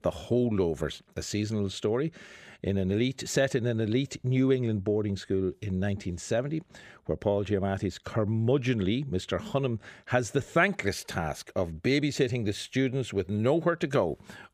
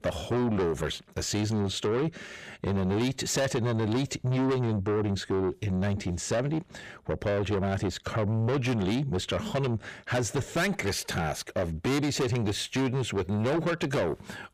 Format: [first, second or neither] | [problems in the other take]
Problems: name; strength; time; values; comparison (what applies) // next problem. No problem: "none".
first | distortion; heavy; 6 dB below the speech